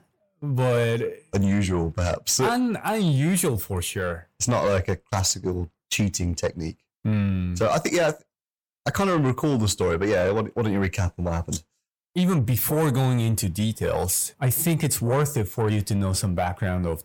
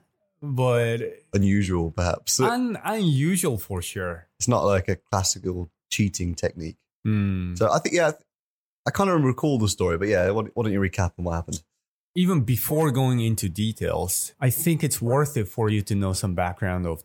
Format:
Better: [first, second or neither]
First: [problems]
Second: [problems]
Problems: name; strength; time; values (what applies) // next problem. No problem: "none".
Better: second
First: distortion; slight; 10 dB below the speech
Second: none